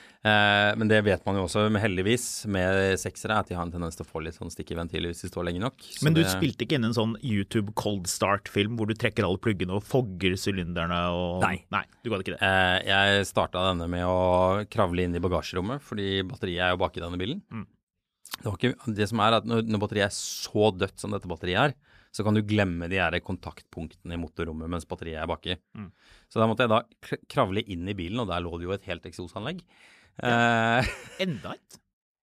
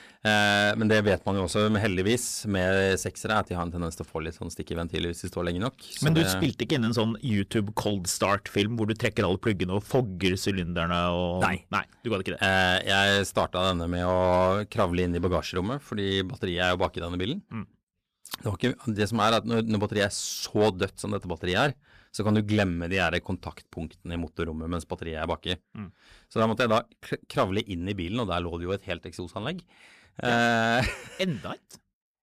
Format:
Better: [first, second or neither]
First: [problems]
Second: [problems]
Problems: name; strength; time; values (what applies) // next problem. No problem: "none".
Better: first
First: none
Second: distortion; slight; 3% of the sound clipped